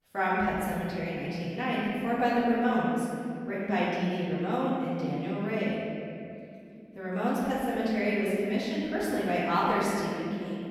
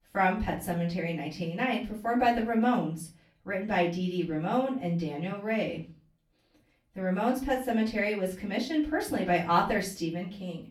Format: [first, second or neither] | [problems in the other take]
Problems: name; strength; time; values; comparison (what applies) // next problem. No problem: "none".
second | room echo; strong; dies away in 2.5 s; slight in the second // off-mic speech; far; far in the second